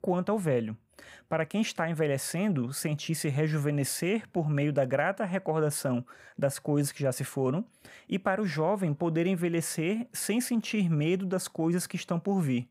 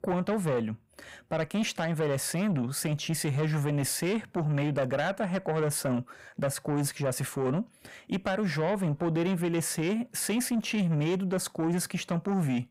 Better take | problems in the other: first | distortion; slight; 10 dB below the speech

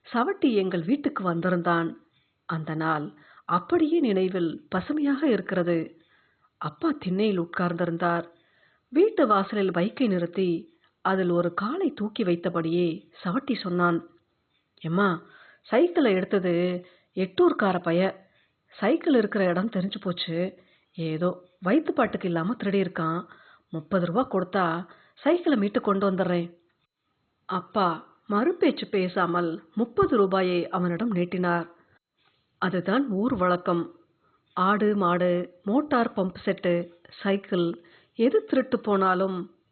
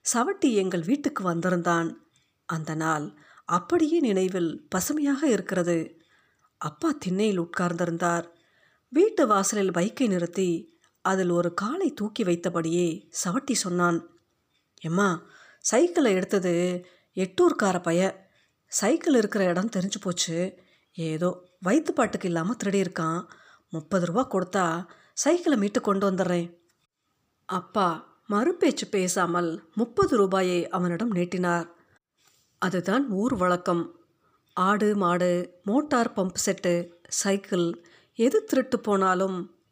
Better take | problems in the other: second | garbled, watery; badly; nothing above 4 kHz

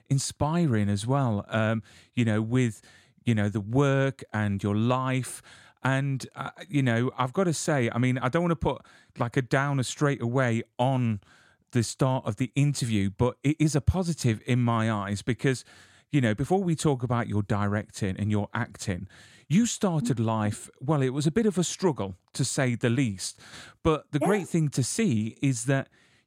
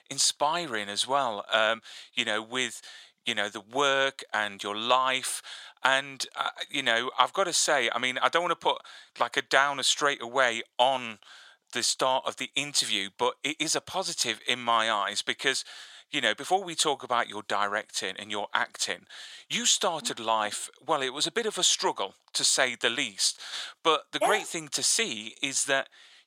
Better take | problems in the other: first | thin; very; fading below 750 Hz

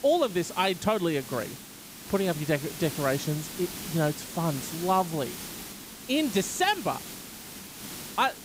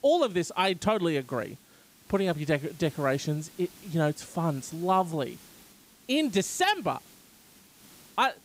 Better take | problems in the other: second | hiss; loud; throughout; 10 dB below the speech; faint in the second

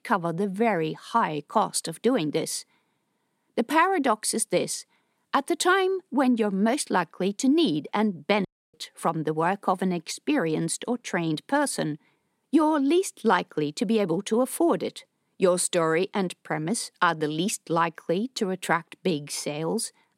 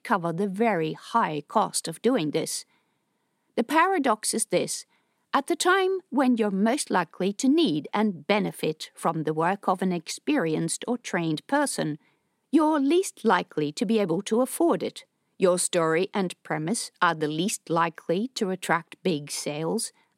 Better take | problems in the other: second | audio cutting out; at 8.5 s

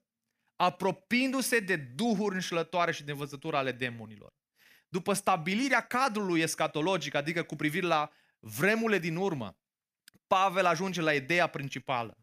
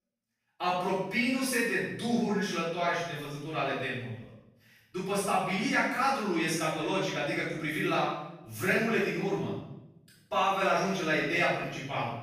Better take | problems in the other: first | off-mic speech; far // room echo; strong; dies away in 0.7 s

